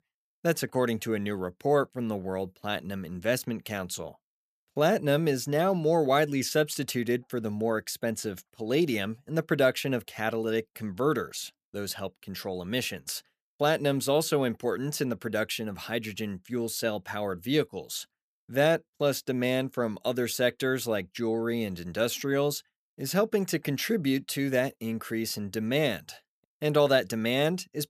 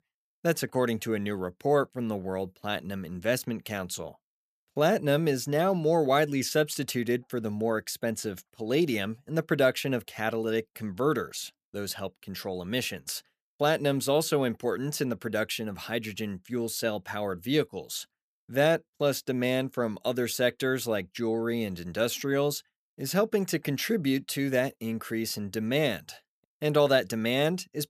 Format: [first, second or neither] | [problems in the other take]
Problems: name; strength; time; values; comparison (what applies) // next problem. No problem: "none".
neither | none